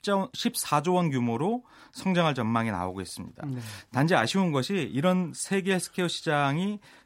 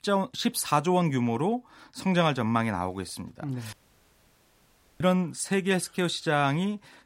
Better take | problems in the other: first | audio cutting out; at 3.5 s for 1.5 s

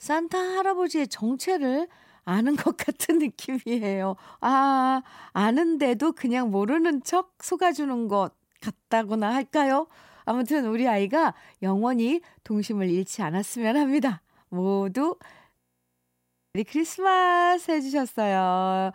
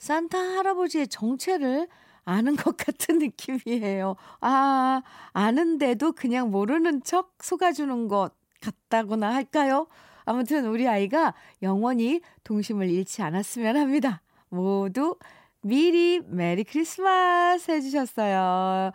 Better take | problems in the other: second | audio freezing; at 16 s for 1 s

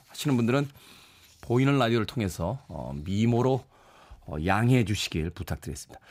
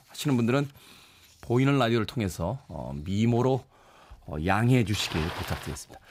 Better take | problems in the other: first | traffic noise; noticeable; throughout; 10 dB below the speech

